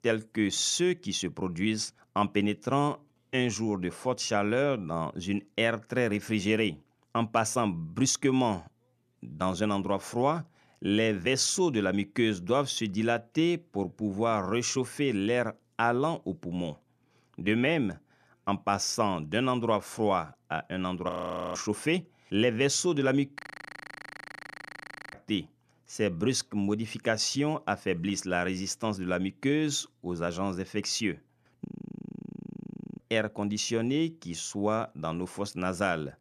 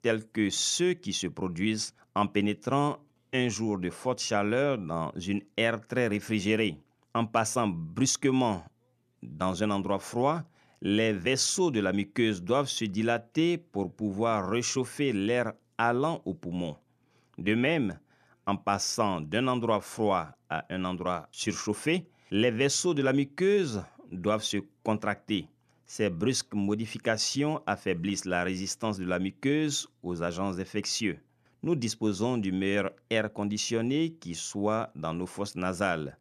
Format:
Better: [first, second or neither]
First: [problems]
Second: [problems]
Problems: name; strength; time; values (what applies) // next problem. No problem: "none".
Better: second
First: audio freezing; at 21 s, at 23 s for 2 s and at 32 s for 1.5 s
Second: none